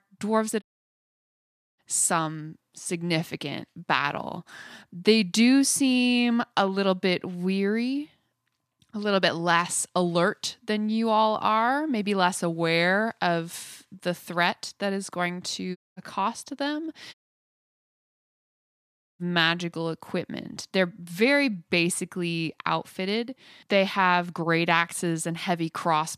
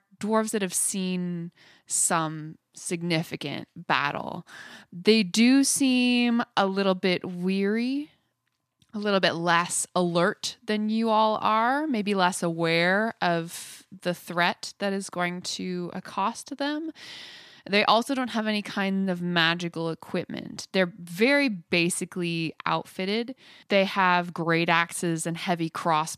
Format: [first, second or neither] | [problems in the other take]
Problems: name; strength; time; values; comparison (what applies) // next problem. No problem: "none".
second | audio cutting out; at 0.5 s for 1 s, at 16 s and at 17 s for 2 s